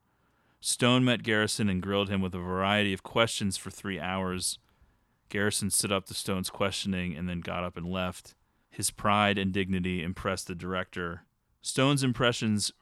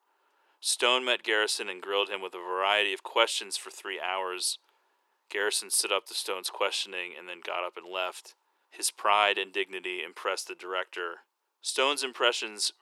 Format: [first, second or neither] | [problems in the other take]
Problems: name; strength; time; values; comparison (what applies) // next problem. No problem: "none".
first | thin; very; fading below 350 Hz